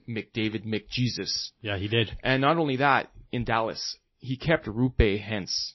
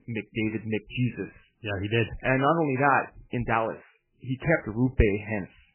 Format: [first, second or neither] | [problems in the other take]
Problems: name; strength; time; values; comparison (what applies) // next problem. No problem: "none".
first | garbled, watery; badly; nothing above 3 kHz; slightly in the first